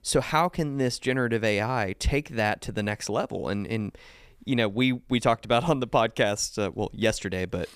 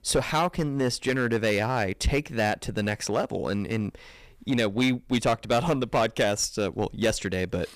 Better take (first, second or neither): first